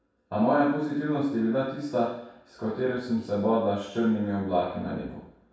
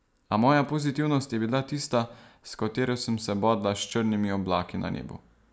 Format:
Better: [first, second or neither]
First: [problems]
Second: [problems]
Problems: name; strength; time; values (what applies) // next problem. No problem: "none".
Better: second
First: room echo; dies away in 0.7 s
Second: none